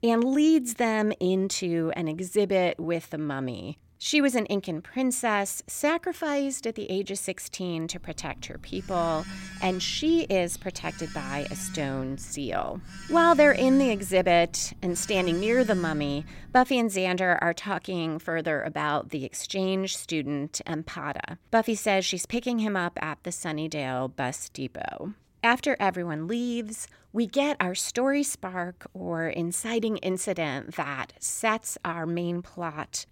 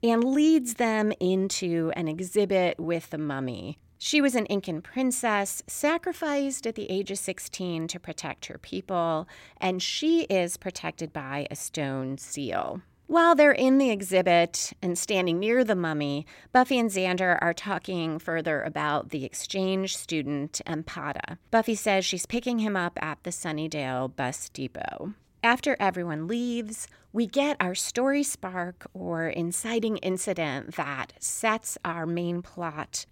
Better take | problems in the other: second | phone ringing; noticeable; from 8 to 17 s; peak 9 dB below the speech

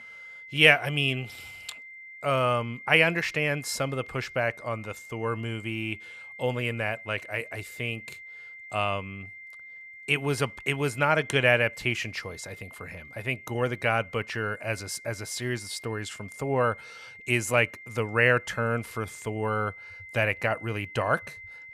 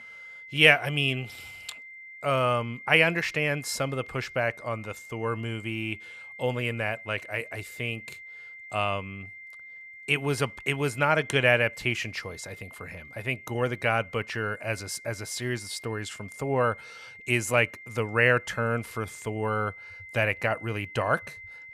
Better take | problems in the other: neither | high-pitched whine; noticeable; throughout; 2 kHz, 15 dB below the speech; the same in both

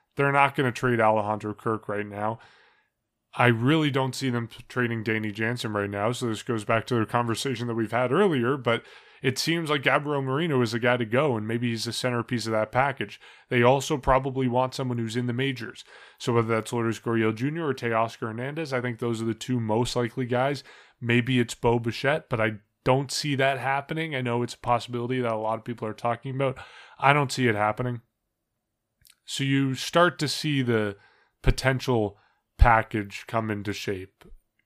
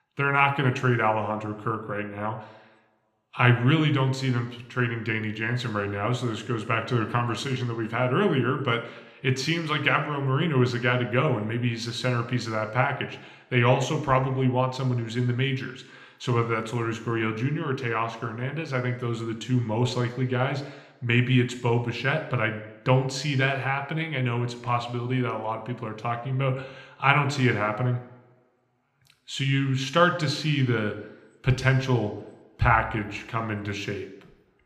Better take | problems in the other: first | room echo; slight; dies away in 0.8 s

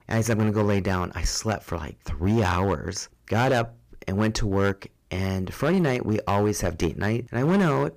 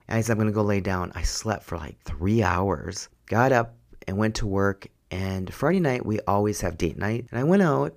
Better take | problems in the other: second | distortion; slight; 7% of the sound clipped

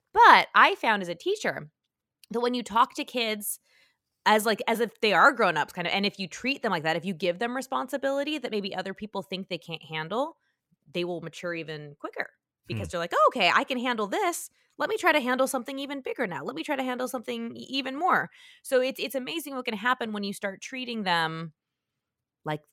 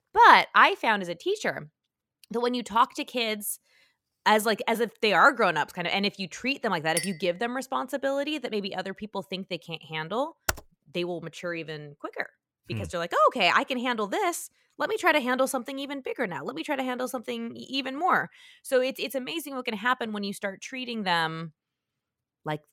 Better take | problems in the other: first | clattering dishes; noticeable; at 7 s; peak 5 dB below the speech // keyboard typing; very faint; at 10 s; peak 5 dB below the speech

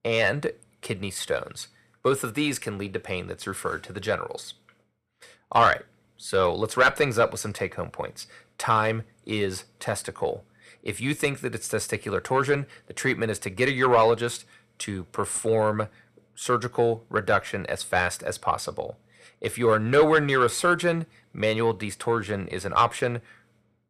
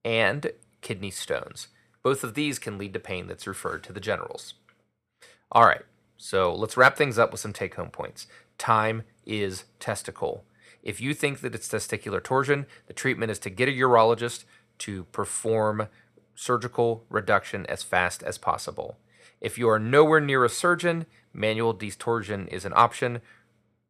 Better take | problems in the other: second | distortion; slight; 10 dB below the speech

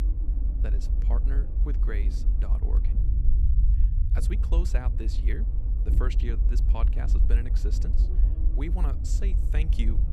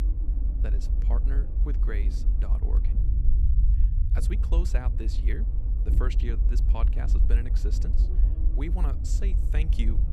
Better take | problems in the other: neither | low rumble; loud; throughout; 4 dB below the speech; the same in both

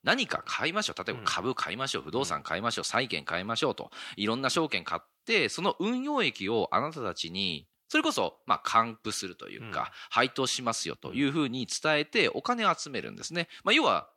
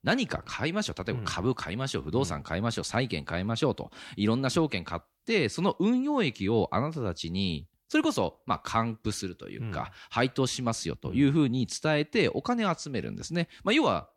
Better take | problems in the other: second | thin; somewhat; fading below 1 kHz

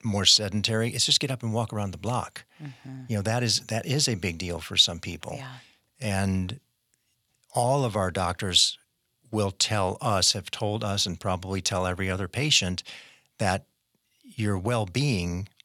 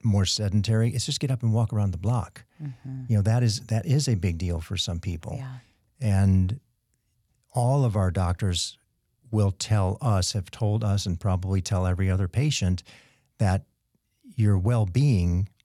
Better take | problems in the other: second | thin; somewhat; fading below 950 Hz

